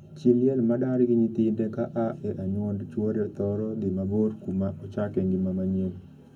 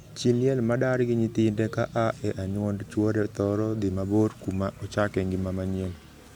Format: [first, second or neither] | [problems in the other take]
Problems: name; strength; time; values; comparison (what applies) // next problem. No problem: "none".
second | room echo; dies away in 0.3 s